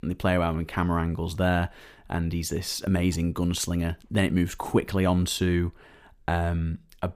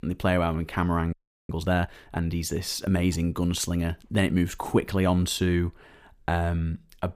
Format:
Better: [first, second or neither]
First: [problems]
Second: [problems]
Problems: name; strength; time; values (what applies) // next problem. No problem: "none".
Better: first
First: none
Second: audio freezing; at 1 s